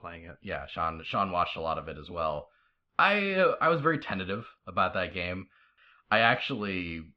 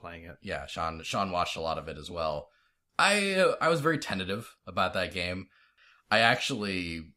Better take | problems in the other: second | muffled; slightly; fading above 3 kHz

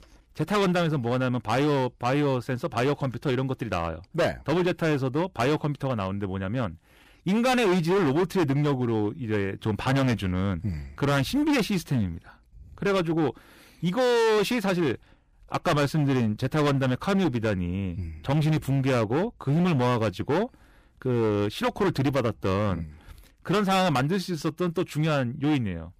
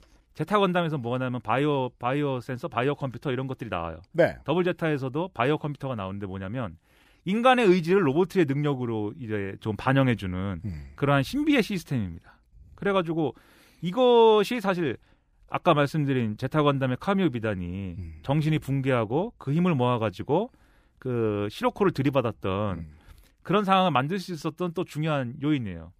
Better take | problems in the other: second | distortion; heavy; 15% of the sound clipped

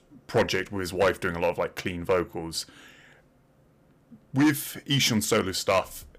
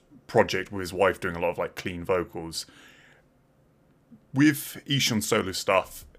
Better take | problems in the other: second | distortion; slight; 3% of the sound clipped

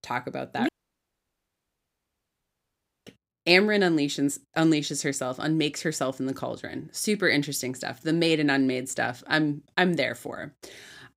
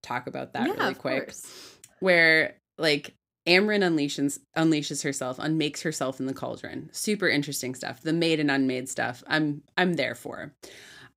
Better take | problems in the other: second | audio cutting out; at 0.5 s for 2.5 s

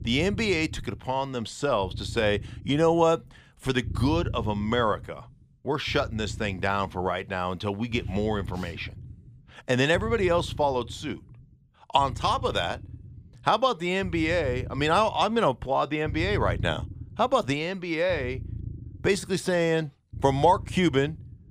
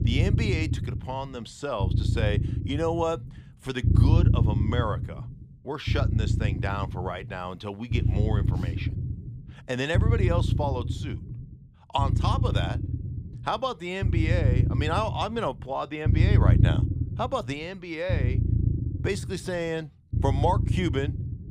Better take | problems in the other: first | low rumble; loud; throughout; 8 dB below the speech; faint in the first

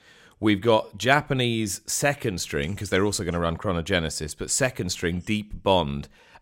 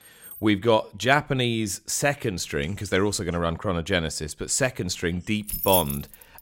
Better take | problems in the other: first | jangling keys; faint; at the start; peak 15 dB below the speech // jangling keys; loud; at 5.5 s; peak level with the speech

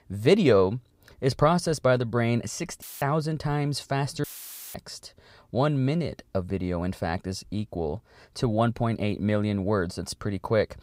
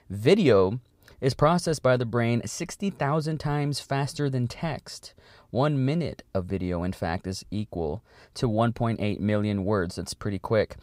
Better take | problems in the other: second | audio cutting out; filled with static; at 3 s and at 4 s for 0.5 s

